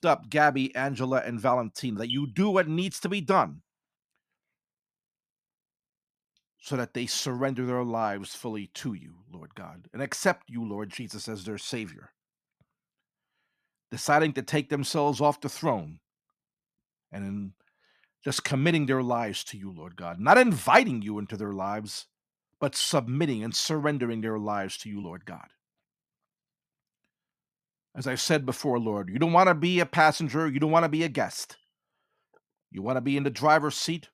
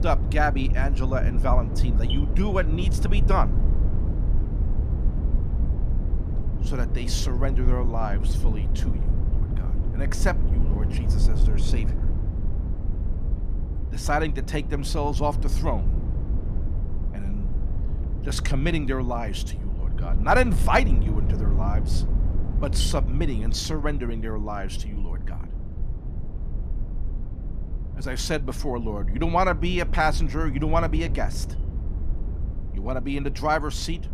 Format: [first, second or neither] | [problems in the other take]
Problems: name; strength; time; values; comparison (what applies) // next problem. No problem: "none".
first | low rumble; noticeable; throughout; 15 dB below the speech